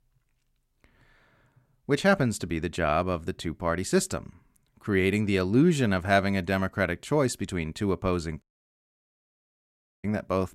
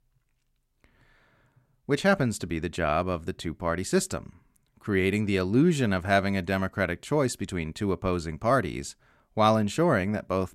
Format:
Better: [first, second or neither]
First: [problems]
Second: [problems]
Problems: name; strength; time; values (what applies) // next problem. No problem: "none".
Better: second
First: audio cutting out; at 8.5 s for 1.5 s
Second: none